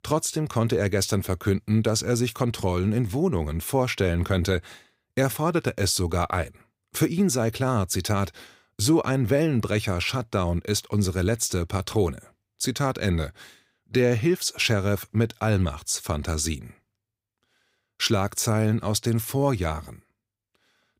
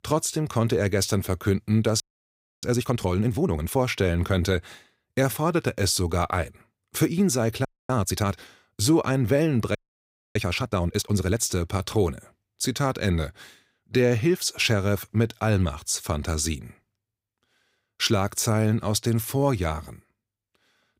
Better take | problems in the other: first | audio freezing; at 2 s for 0.5 s, at 7.5 s and at 10 s for 0.5 s

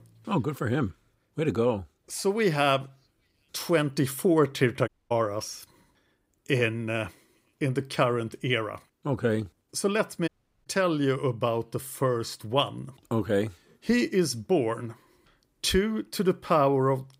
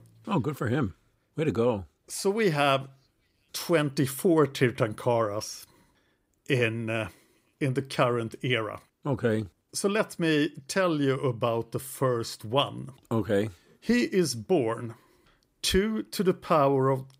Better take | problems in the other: second | audio cutting out; at 5 s and at 10 s

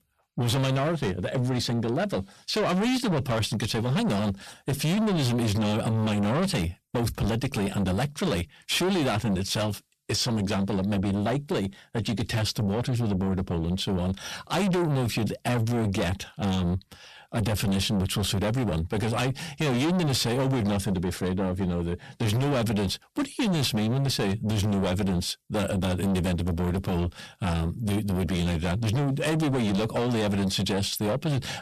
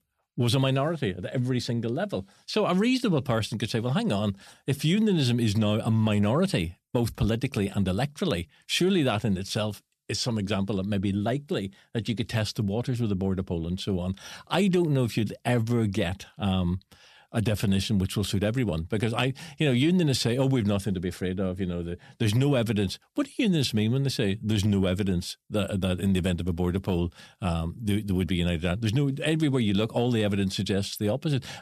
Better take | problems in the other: second | distortion; heavy; 7 dB below the speech

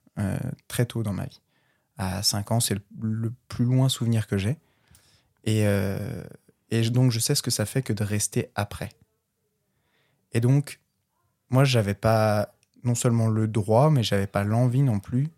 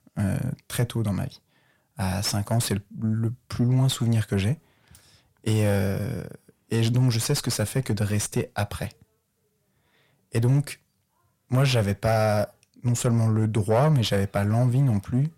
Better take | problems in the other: first | distortion; slight; 9 dB below the speech

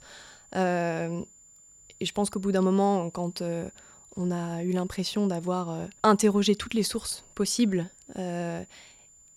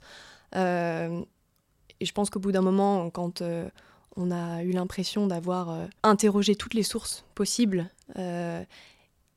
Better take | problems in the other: second | high-pitched whine; faint; throughout; 7 kHz, 25 dB below the speech

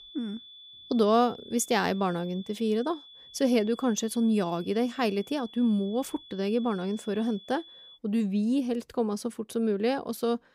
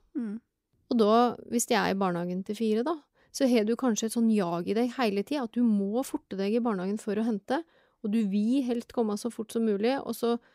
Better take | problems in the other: second | high-pitched whine; noticeable; until 8 s; 3.5 kHz, 20 dB below the speech

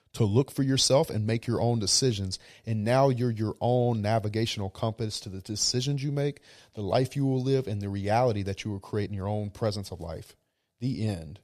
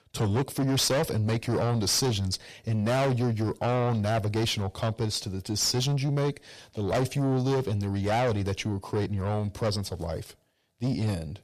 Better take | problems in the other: first | distortion; heavy; 6 dB below the speech

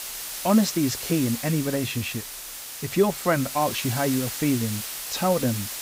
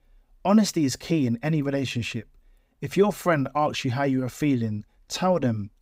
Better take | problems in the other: second | hiss; loud; throughout; 7 dB below the speech

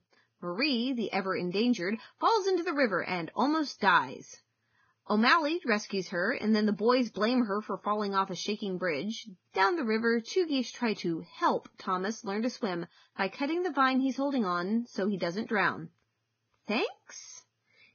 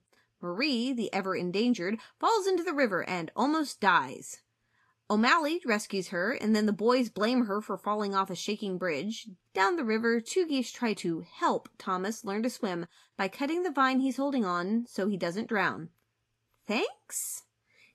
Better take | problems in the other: second | garbled, watery; badly; nothing above 6.5 kHz; slightly in the second

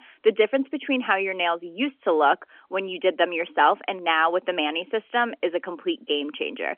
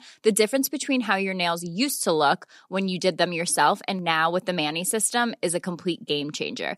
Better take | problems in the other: second | phone-call audio; nothing above 3 kHz

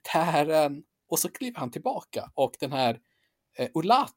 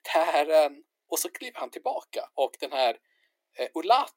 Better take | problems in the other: first | thin; very; fading below 350 Hz

